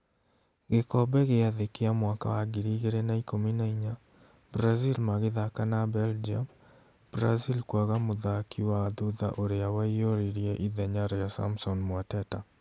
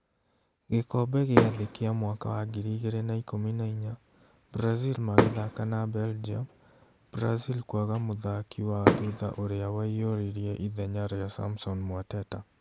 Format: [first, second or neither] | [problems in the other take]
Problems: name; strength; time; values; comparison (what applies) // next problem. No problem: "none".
first | background sound (Fireworks); 3 dB below the speech